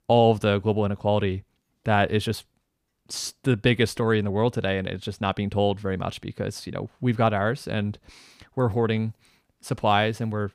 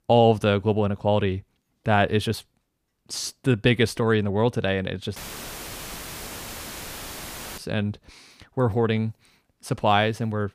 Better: first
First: none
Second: audio cutting out; filled with static; at 5 s for 2.5 s

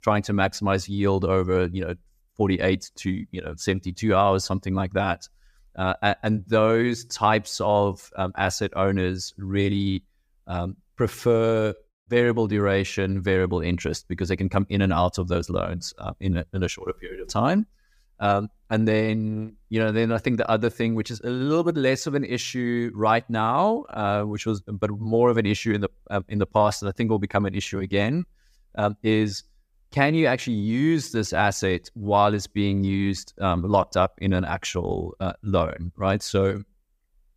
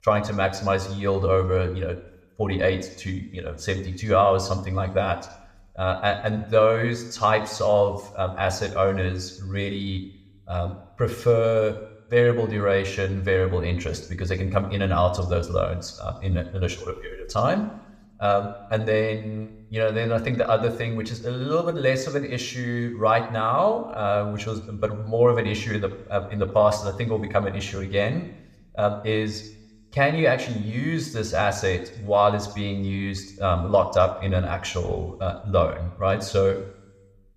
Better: first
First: none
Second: room echo; very slight; dies away in 0.7 s

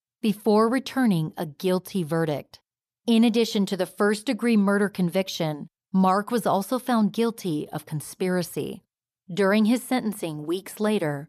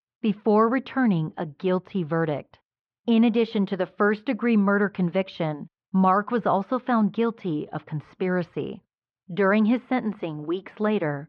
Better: first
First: none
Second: muffled; very; fading above 3 kHz

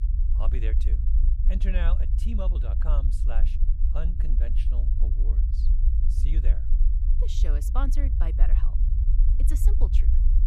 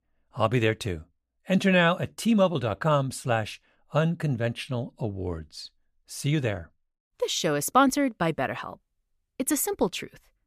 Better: second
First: low rumble; loud; throughout; 5 dB below the speech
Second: none

